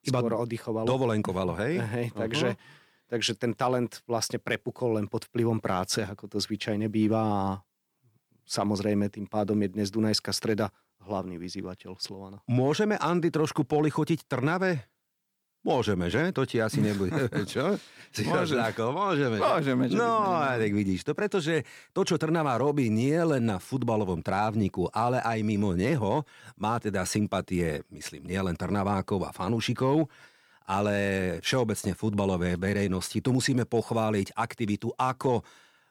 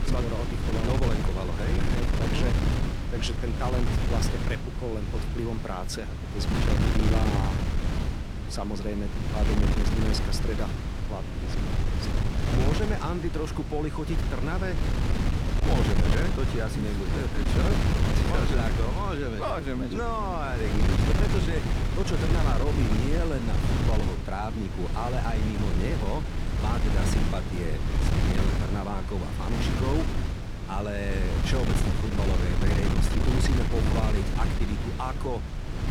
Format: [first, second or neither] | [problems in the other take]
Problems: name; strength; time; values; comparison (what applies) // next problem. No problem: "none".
first | wind noise on the microphone; heavy; 1 dB below the speech